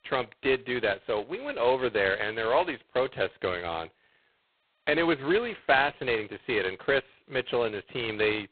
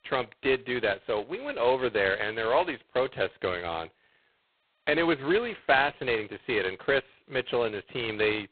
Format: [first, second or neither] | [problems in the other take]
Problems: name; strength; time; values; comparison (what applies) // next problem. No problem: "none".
neither | phone-call audio; poor line; nothing above 4 kHz; the same in both